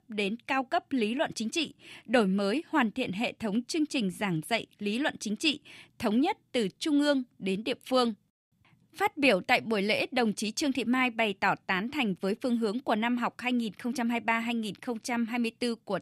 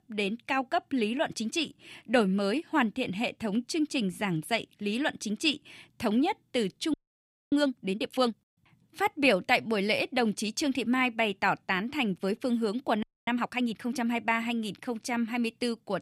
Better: first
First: none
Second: audio freezing; at 7 s for 0.5 s and at 13 s

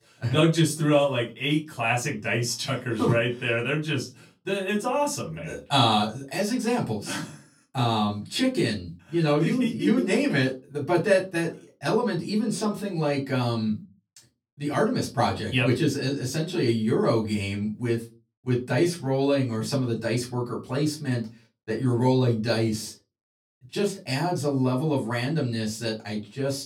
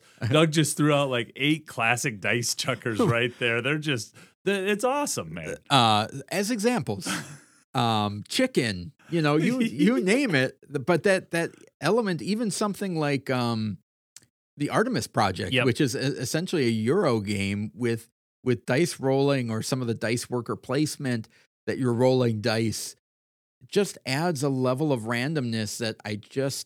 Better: second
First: off-mic speech; far // room echo; very slight; dies away in 0.2 s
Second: none

